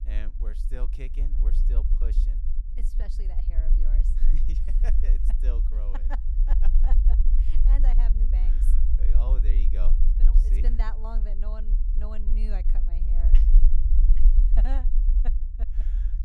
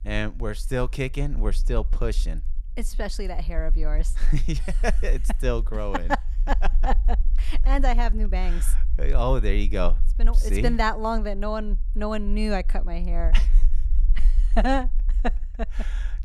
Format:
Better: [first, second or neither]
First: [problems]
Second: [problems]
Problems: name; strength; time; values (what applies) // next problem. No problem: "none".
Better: second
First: low rumble; loud; throughout; 4 dB below the speech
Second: low rumble; faint; throughout; 25 dB below the speech